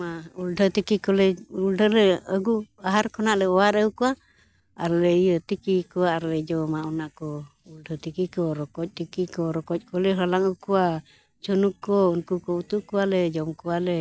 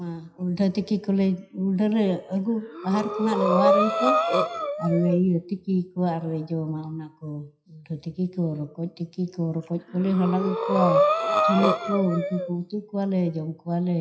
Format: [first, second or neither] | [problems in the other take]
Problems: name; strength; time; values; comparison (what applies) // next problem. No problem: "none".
first | noise reduction (classical method WPE with log-MMSE)